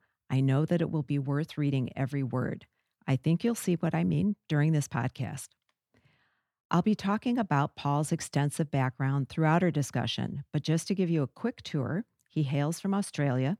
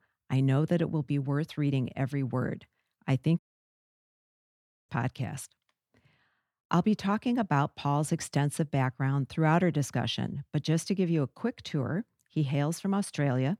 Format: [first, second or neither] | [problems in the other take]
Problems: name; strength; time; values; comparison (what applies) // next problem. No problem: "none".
first | audio cutting out; at 3.5 s for 1.5 s